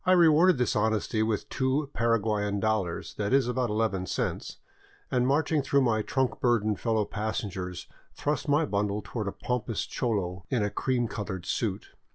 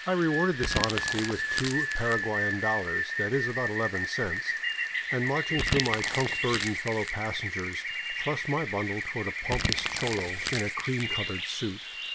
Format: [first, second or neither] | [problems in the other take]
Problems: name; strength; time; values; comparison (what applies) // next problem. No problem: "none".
first | background sound (Rain + Crumpling, crinkling); as loud as the speech